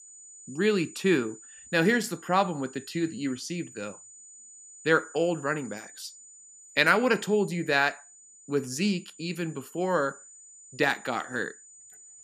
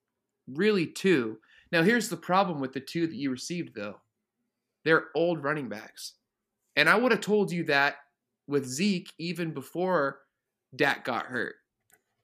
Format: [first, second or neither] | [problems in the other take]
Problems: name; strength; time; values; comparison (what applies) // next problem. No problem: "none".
second | high-pitched whine; noticeable; throughout; 7 kHz, 20 dB below the speech